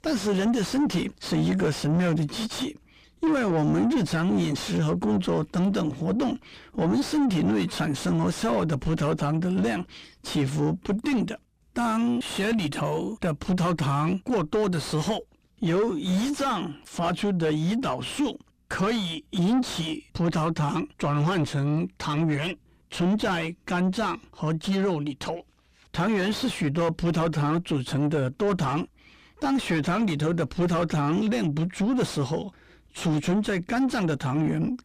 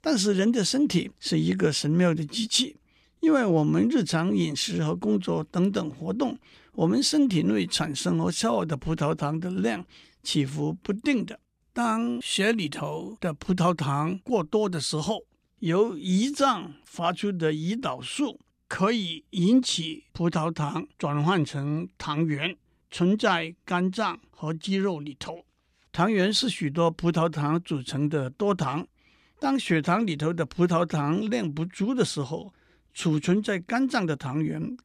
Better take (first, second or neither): second